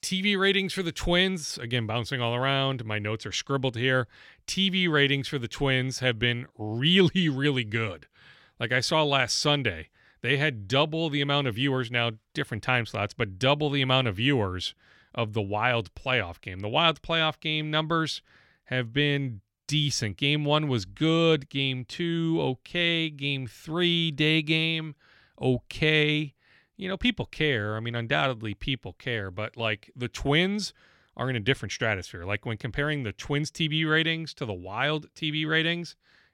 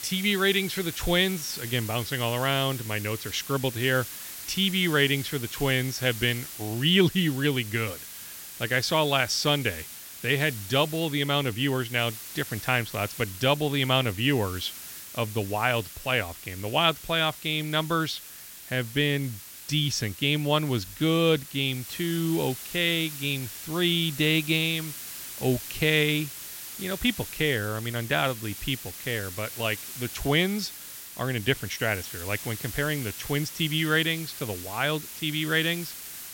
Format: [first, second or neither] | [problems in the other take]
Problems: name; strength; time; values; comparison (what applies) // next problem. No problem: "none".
first | hiss; noticeable; throughout; 10 dB below the speech